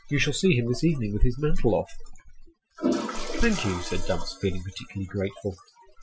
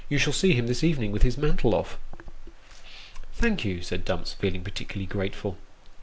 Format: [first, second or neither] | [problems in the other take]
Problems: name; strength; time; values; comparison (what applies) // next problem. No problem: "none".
second | noise reduction (classical method Wiener filter)